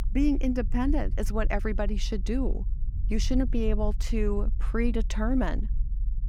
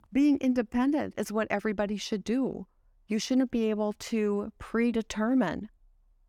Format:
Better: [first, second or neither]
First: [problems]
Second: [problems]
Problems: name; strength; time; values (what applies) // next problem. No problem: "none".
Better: second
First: low rumble; faint; throughout; 20 dB below the speech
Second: none